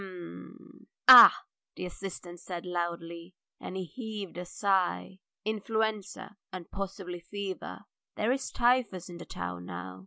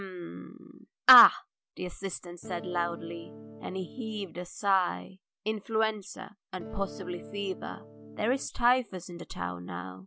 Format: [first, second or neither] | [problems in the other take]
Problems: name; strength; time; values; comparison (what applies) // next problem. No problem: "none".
first | background sound (Electric guitar / Strum); 14 dB below the speech